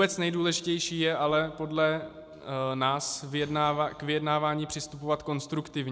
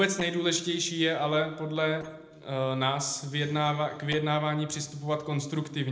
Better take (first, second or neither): first